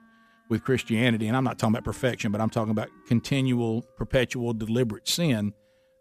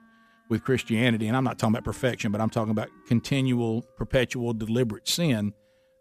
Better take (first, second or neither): neither